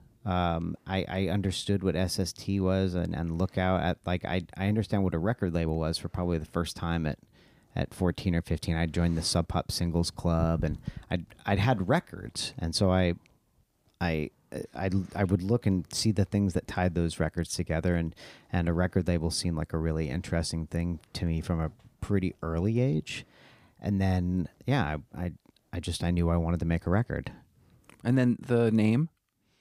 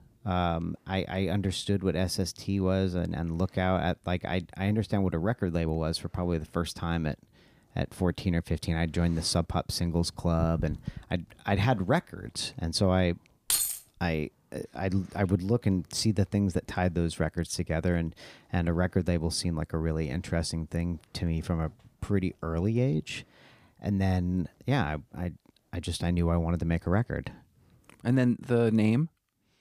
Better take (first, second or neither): first